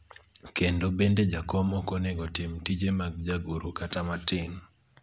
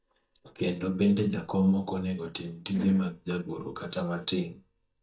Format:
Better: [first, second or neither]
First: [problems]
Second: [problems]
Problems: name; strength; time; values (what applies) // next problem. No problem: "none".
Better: first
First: none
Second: noise reduction (neural mask model DeepFilterNet 3)